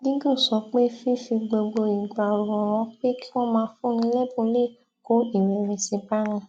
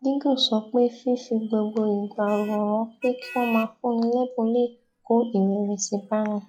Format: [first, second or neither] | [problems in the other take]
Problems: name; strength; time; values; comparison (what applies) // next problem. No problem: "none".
first | noise reduction (classical method log-MMSE)